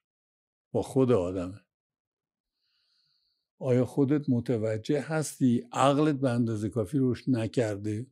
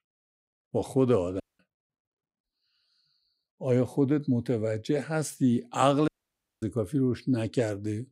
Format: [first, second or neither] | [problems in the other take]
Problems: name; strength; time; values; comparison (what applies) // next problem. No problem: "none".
first | audio cutting out; at 1.5 s and at 6 s for 0.5 s